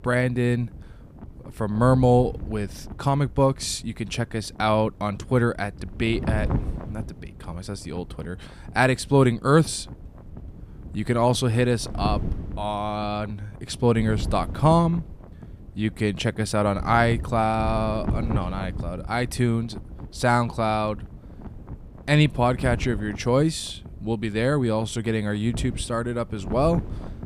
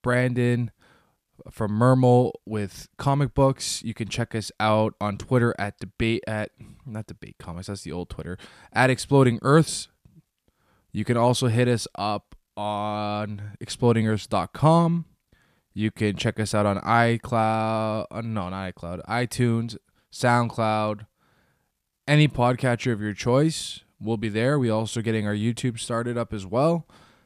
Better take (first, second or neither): second